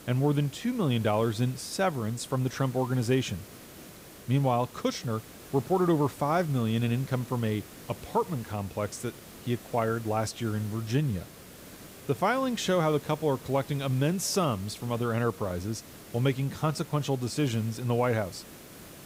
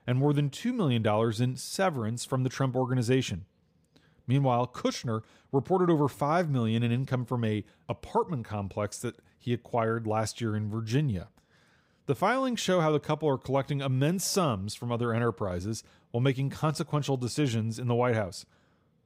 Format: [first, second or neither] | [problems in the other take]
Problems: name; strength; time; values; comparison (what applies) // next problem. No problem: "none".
second | hiss; noticeable; throughout; 15 dB below the speech